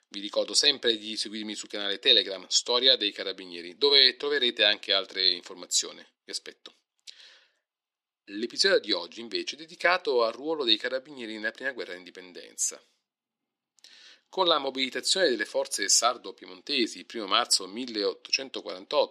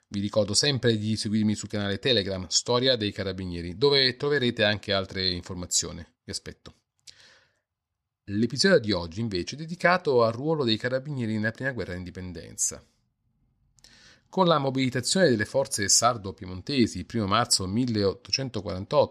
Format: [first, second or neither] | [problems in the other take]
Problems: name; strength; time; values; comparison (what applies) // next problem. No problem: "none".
second | thin; somewhat; fading below 300 Hz